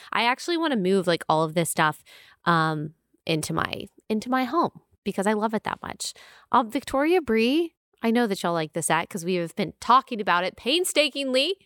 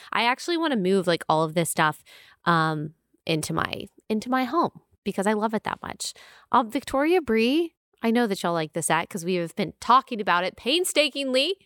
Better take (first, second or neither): neither